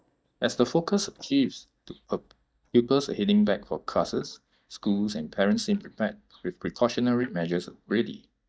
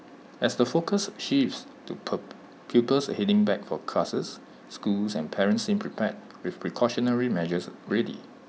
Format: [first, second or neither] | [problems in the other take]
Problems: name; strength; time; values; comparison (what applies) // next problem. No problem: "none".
second | noise reduction (neural mask model DeepFilterNet 3)